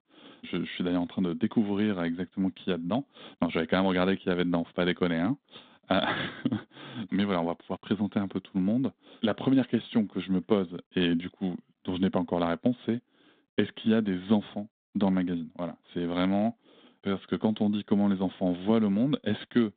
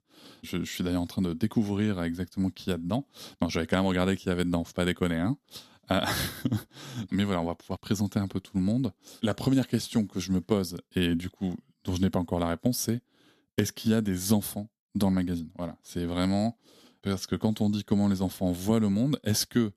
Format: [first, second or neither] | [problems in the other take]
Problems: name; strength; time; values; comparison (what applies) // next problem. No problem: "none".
second | phone-call audio; nothing above 4 kHz